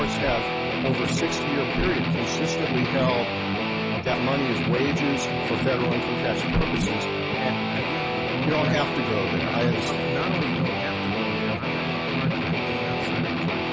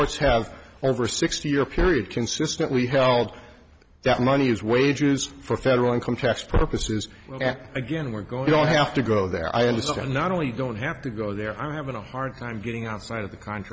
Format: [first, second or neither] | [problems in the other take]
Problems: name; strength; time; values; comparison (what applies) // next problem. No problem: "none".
second | background sound (Guitar); 4 dB above the speech